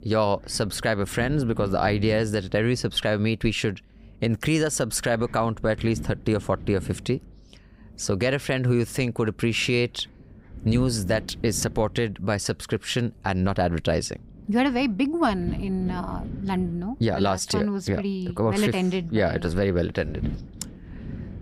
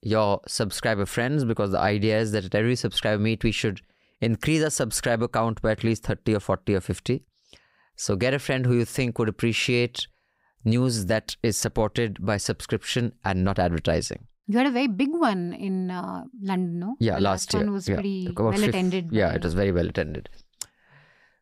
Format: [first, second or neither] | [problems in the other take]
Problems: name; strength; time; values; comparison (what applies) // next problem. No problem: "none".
second | wind noise on the microphone; occasional gusts; 20 dB below the speech